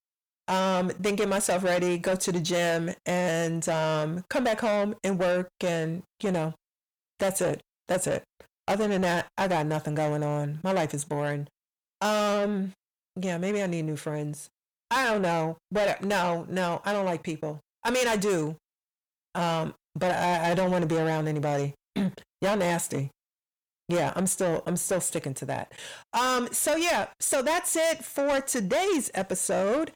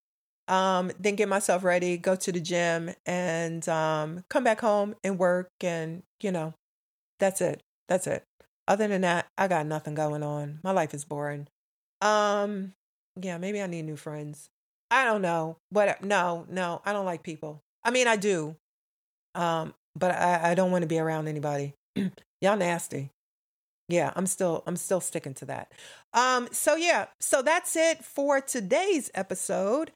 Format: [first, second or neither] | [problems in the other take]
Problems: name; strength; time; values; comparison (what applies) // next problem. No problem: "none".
second | distortion; heavy; 7 dB below the speech